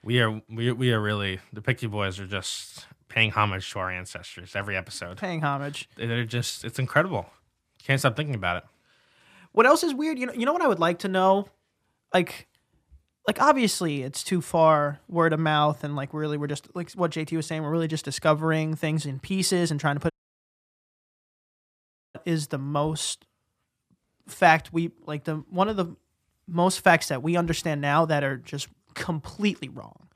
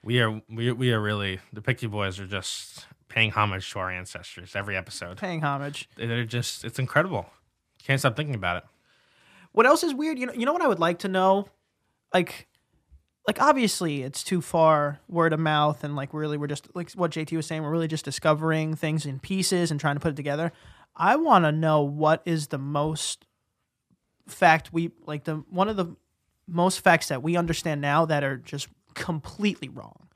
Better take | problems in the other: second | audio cutting out; at 20 s for 2 s

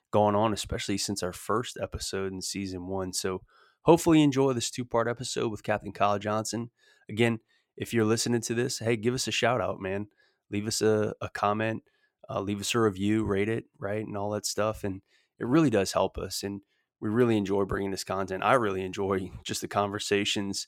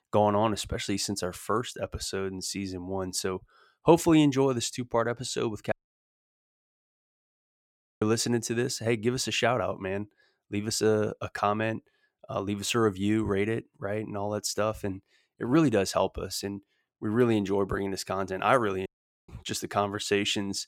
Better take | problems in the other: first | audio cutting out; at 5.5 s for 2.5 s and at 19 s

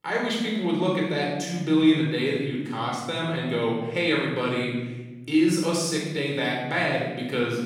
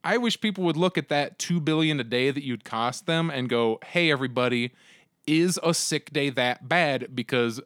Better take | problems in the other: second | off-mic speech; far // room echo; noticeable; dies away in 1.2 s

